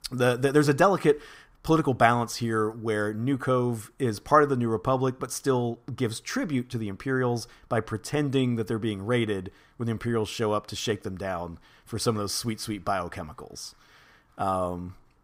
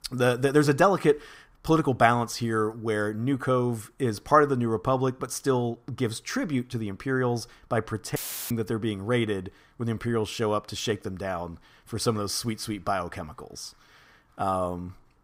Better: first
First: none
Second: audio cutting out; filled with static; at 8 s

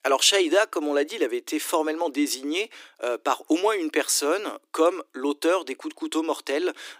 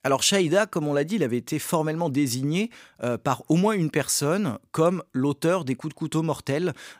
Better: second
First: thin; somewhat; fading below 300 Hz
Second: none

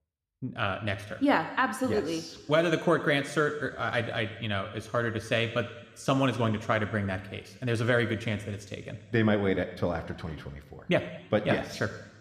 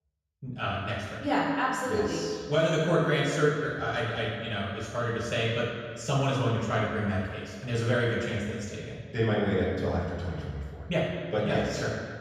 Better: first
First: room echo; slight; dies away in 1.3 s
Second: room echo; strong; dies away in 1.7 s // off-mic speech; far

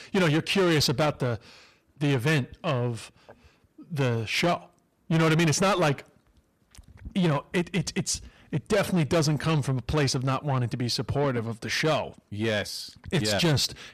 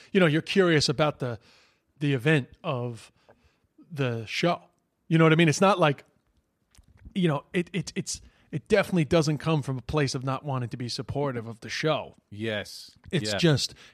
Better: second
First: distortion; heavy; 7 dB below the speech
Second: none

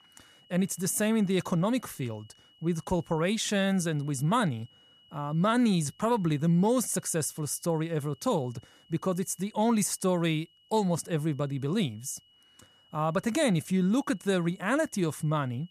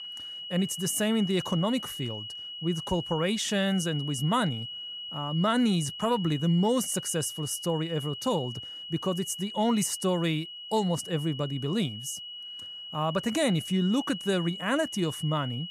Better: first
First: high-pitched whine; faint; throughout; 3 kHz, 30 dB below the speech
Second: high-pitched whine; loud; throughout; 3 kHz, 9 dB below the speech

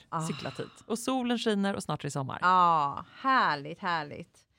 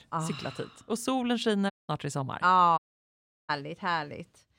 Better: first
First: none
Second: audio cutting out; at 1.5 s and at 3 s for 0.5 s

